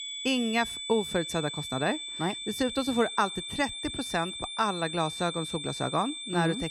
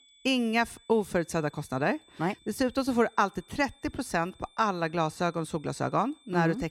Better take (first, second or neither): second